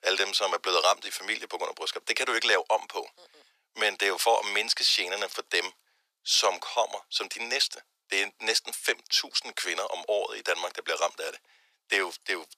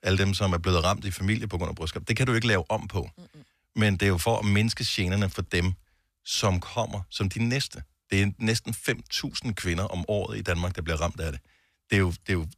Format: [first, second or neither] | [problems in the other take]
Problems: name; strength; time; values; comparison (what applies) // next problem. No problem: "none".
second | thin; very; fading below 400 Hz